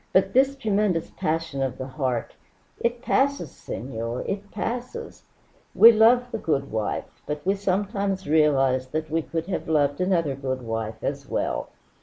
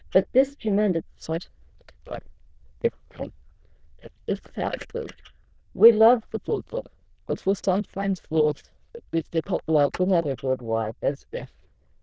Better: first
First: none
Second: noise reduction (neural diffusion model UNIVERSE++)

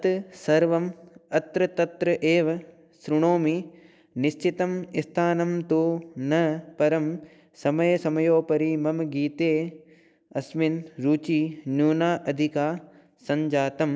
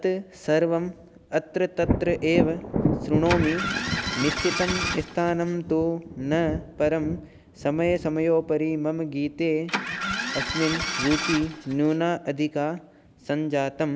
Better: first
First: none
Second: background sound (Thunder + Engine starting); 5 dB below the speech

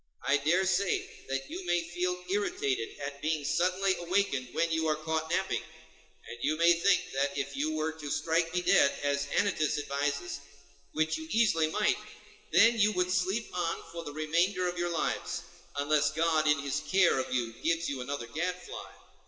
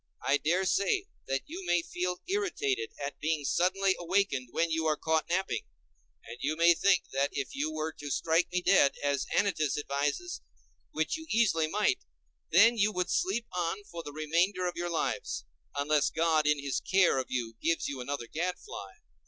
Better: second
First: room echo; dies away in 1.4 s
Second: none

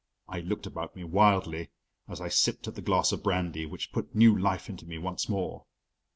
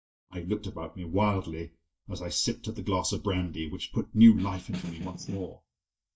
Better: first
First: none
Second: noise reduction (neural mask model DeepFilterNet 3)

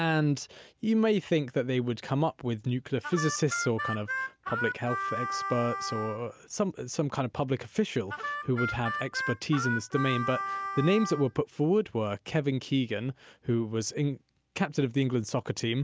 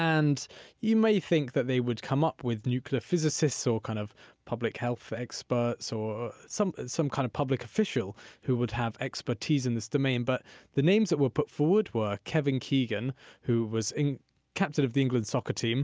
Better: second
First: background sound (Harmonica); 5 dB below the speech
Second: none

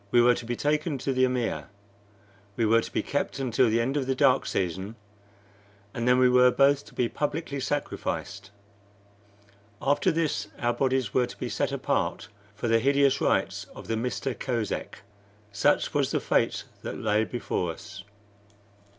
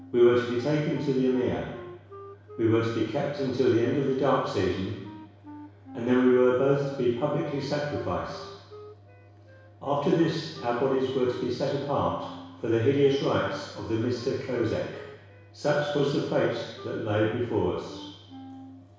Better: first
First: none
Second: background sound (Wind instrument, woodwind instrument); 19 dB below the speech // room echo; dies away in 1.1 s

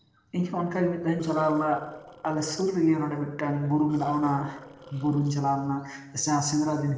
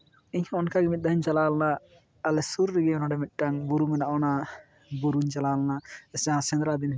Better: second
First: noise reduction (neural separator model SepFormer DNS4)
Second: none

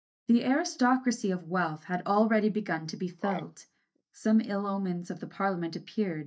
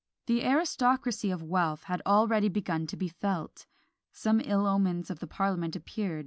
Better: second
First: noise reduction (neural mask model DeepFilterNet 3)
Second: none

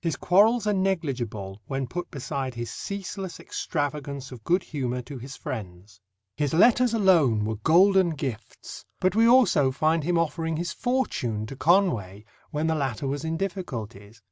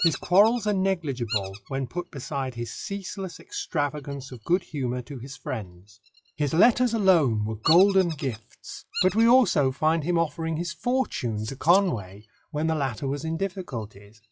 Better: first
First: none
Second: noise reduction (classical method log-MMSE)

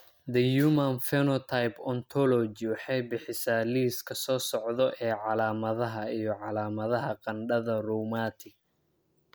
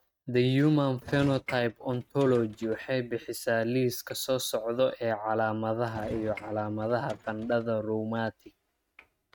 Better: first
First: none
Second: noise reduction (neural mask model RNNoise)

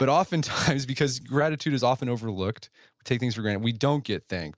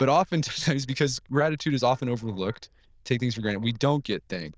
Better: first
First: none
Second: noise reduction (neural diffusion model UNIVERSE++)

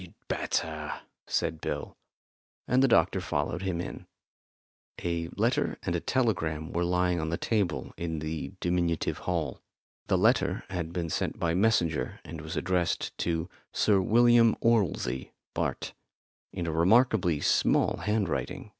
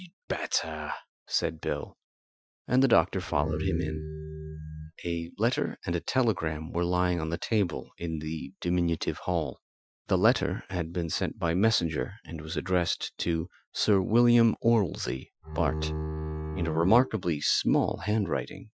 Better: first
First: none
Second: noise reduction (classical method Wiener filter)

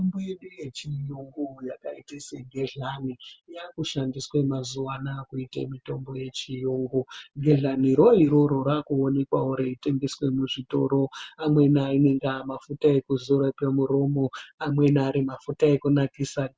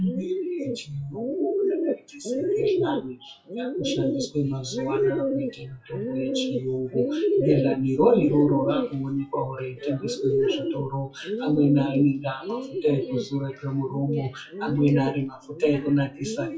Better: first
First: none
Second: noise reduction (classical method WPE with log-MMSE)

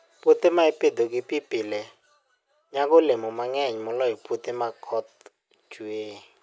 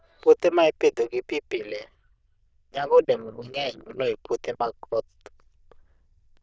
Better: first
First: none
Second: noise reduction (neural diffusion model UNIVERSE++)

